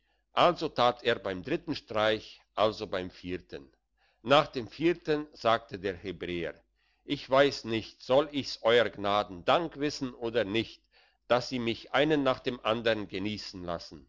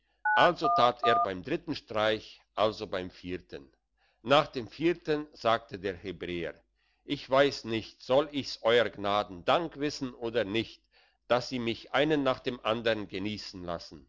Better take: first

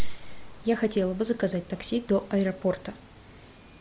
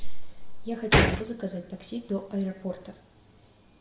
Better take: first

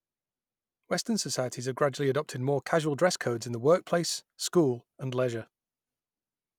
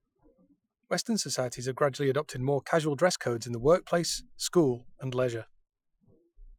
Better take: first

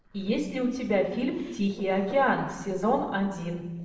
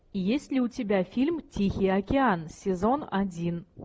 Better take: second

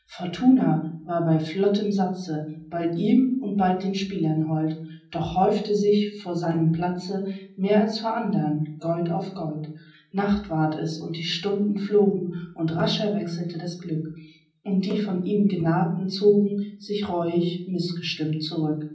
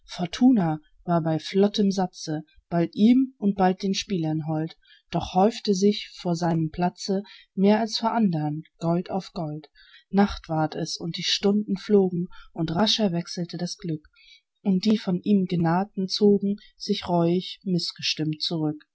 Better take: second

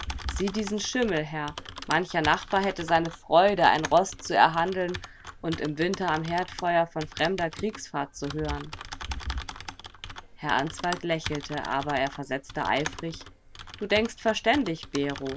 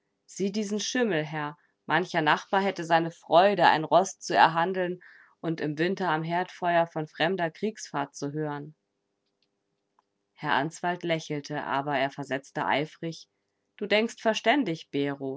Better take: second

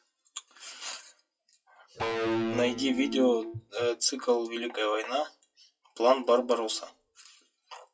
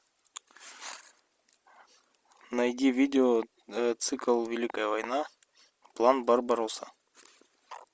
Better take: second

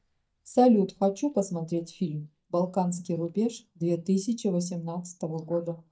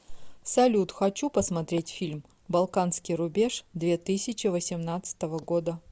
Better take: second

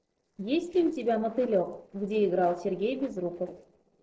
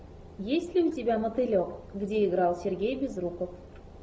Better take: second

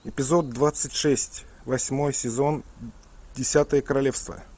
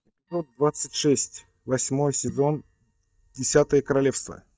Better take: first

